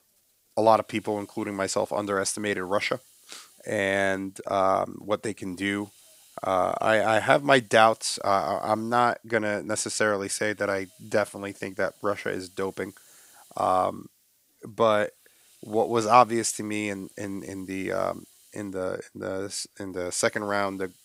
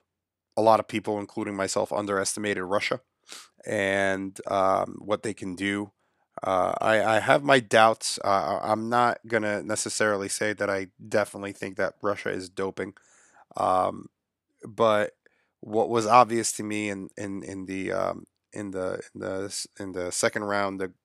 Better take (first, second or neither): second